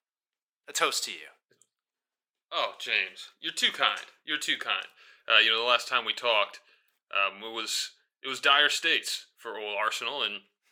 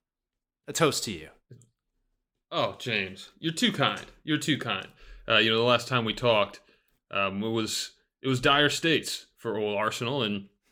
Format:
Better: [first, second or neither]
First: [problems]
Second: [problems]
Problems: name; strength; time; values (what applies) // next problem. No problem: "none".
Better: second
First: thin; very; fading below 700 Hz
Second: none